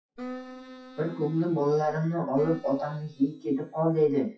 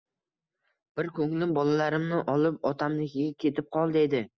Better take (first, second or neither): second